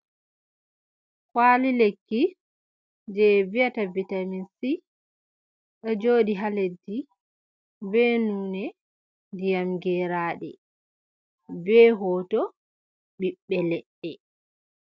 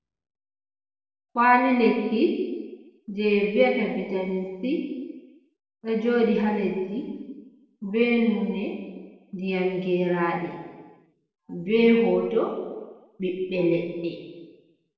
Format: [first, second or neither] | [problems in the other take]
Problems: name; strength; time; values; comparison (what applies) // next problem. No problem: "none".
first | room echo; dies away in 1.2 s